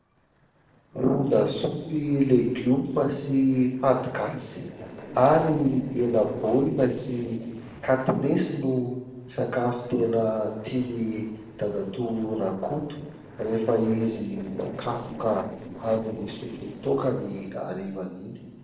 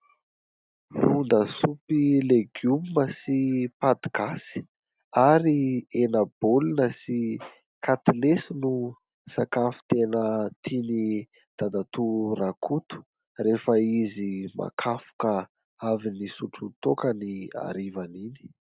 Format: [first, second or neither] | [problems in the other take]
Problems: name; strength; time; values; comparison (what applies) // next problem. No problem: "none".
second | noise reduction (neural separator model SepFormer DNS4)